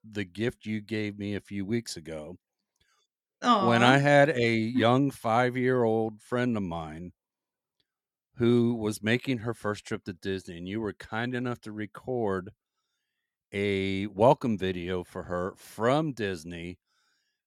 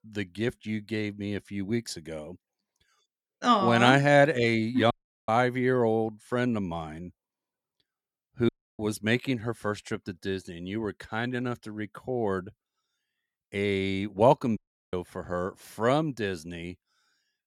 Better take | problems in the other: first | audio cutting out; at 5 s, at 8.5 s and at 15 s

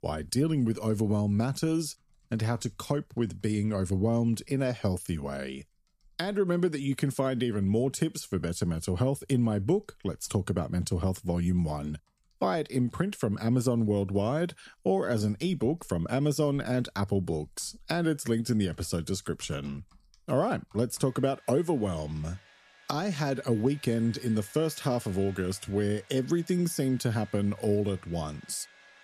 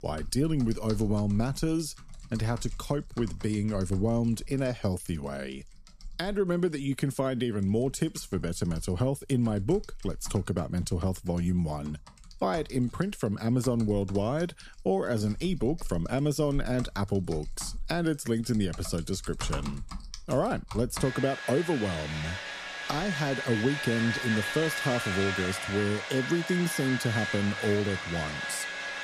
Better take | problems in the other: first | household noises; loud; throughout; 7 dB below the speech; faint in the first

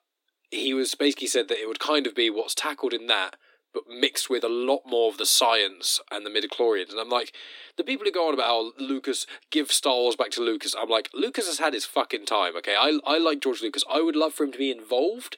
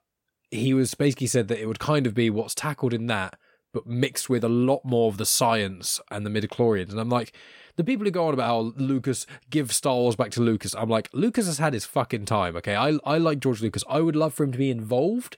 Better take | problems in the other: second | thin; somewhat; fading below 300 Hz

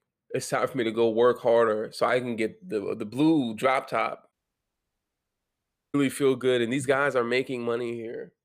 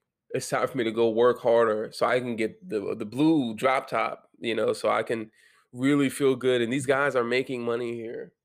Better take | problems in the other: second | audio cutting out; at 4.5 s for 1.5 s

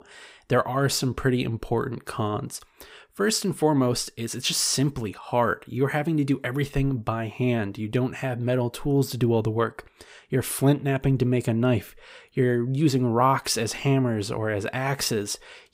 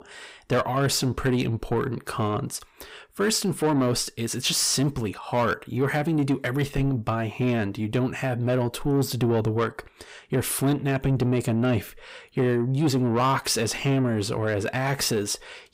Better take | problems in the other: first | distortion; slight; 10 dB below the speech

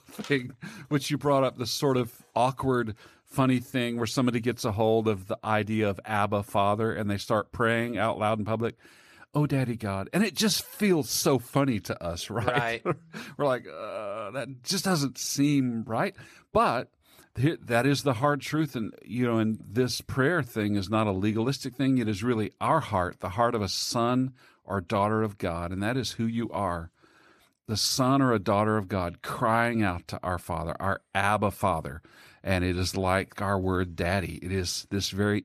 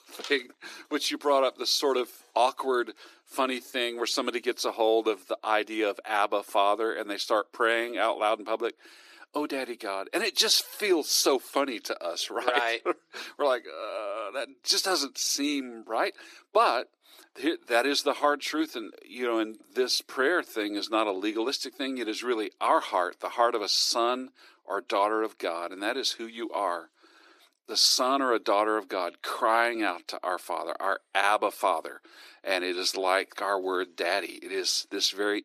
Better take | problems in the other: first | thin; somewhat; fading below 300 Hz

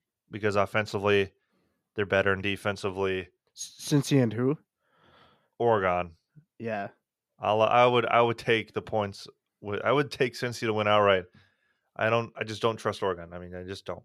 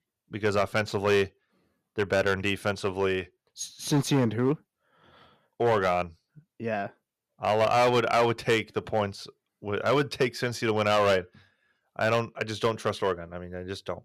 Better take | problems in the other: first | distortion; slight; 4% of the sound clipped

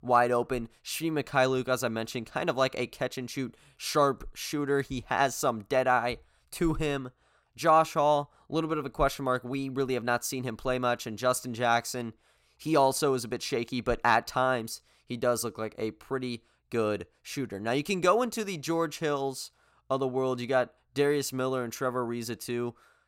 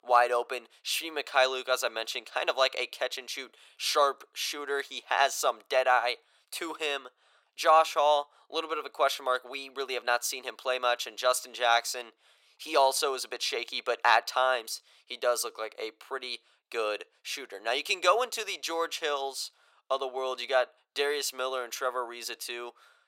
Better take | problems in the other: first | thin; very; fading below 500 Hz

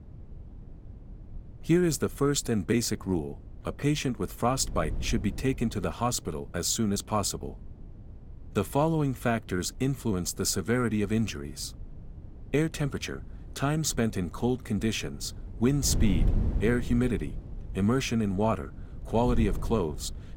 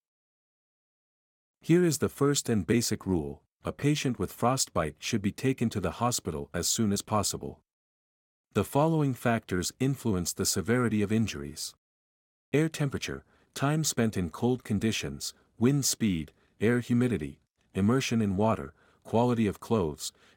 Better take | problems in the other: second | wind noise on the microphone; occasional gusts; 20 dB below the speech

